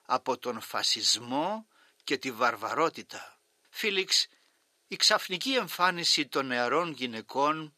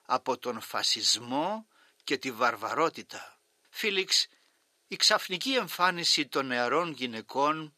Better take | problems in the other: neither | thin; somewhat; fading below 500 Hz; the same in both

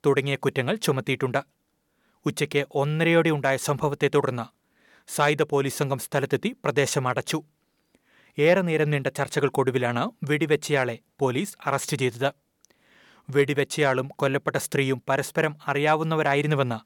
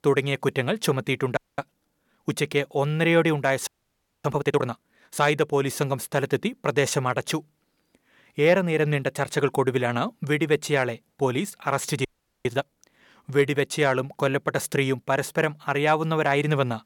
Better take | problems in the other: first | audio freezing; at 1.5 s, at 3.5 s for 0.5 s and at 12 s

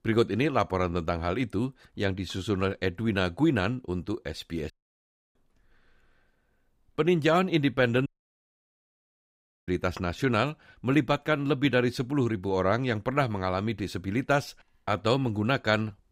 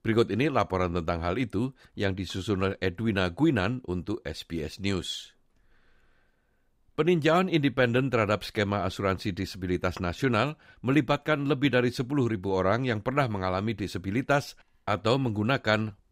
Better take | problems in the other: second | audio cutting out; at 4.5 s for 0.5 s and at 8 s for 1.5 s

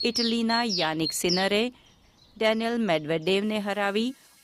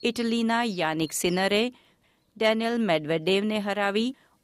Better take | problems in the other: second | animal sounds; loud; throughout; 3 dB below the speech; faint in the second

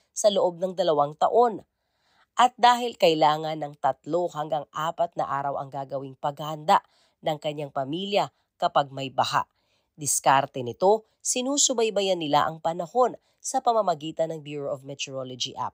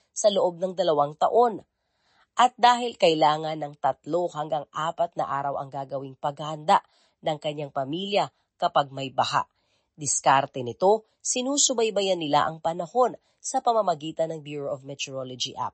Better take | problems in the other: first | garbled, watery; slightly; nothing above 8 kHz

